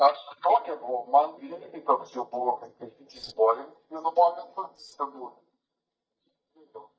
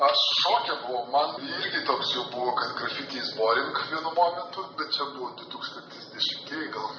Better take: second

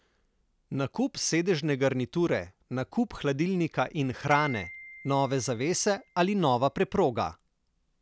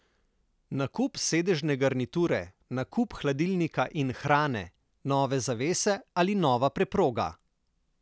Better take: second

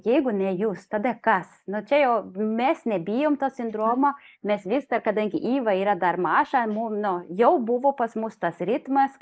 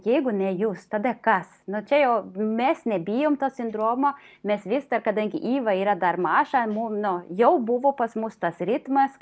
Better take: second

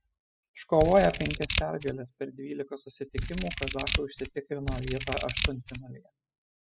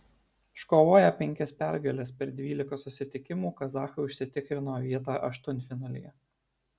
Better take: second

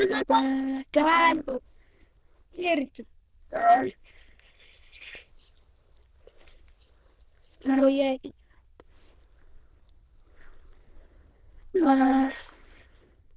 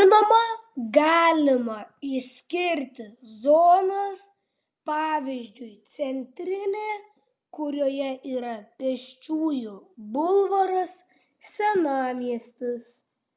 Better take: second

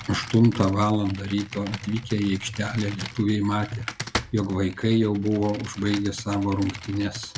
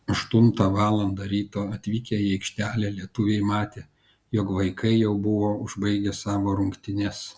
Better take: second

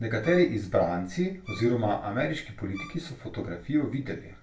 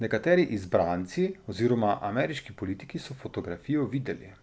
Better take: second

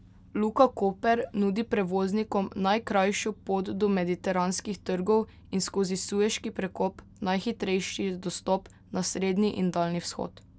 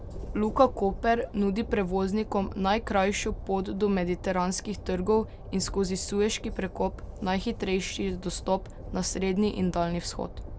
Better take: first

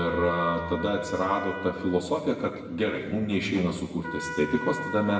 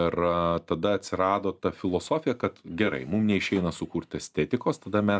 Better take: second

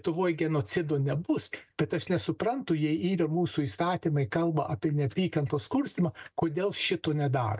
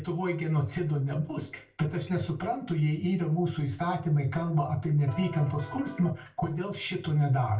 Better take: first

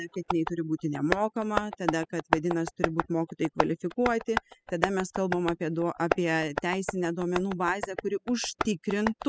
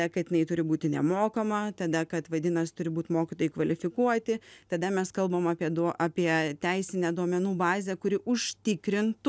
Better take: second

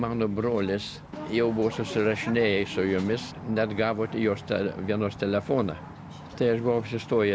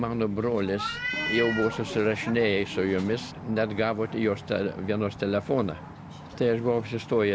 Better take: first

